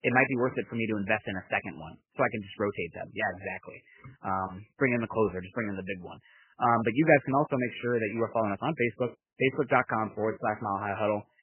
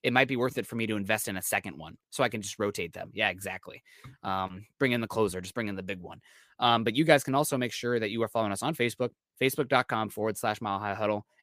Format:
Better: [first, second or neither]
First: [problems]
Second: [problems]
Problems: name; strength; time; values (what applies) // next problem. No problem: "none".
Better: second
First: garbled, watery; badly; nothing above 2.5 kHz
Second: none